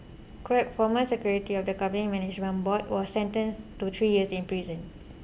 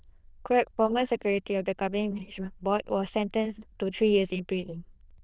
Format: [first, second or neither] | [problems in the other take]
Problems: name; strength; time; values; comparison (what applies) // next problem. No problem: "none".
first | noise reduction (neural diffusion model UNIVERSE++)